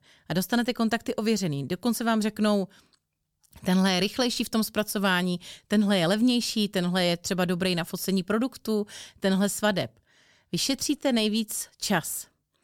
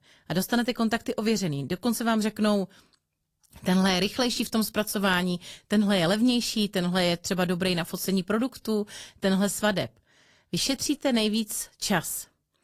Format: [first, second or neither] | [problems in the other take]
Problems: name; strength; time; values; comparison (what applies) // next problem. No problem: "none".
first | garbled, watery; slightly